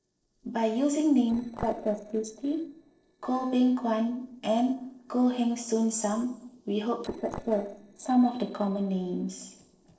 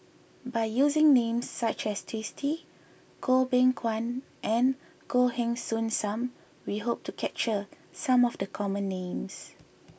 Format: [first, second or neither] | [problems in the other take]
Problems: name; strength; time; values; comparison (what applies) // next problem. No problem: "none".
second | noise reduction (neural separator model SepFormer DNS4)